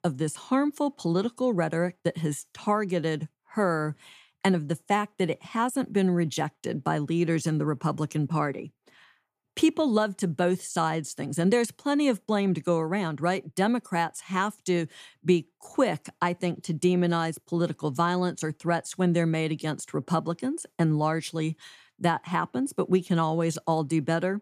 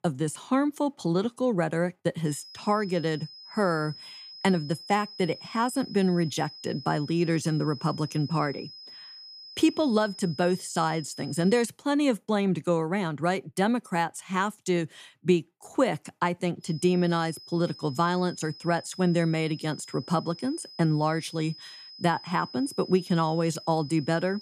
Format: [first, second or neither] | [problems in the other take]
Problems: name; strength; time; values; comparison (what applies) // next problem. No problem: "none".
first | high-pitched whine; noticeable; from 2.5 to 12 s and from 17 s on; 5 kHz, 15 dB below the speech